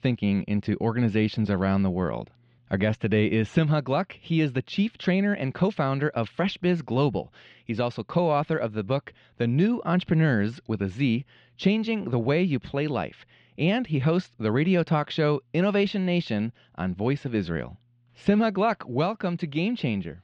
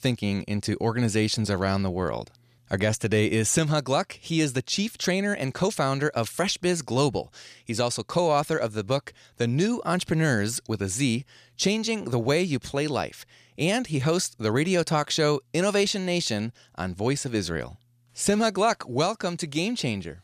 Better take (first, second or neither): second